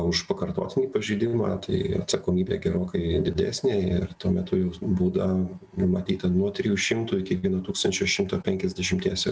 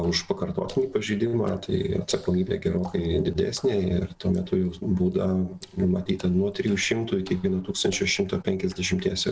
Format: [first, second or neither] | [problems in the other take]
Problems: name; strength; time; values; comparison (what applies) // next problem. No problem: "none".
first | noise reduction (neural separator model SepFormer DNS4)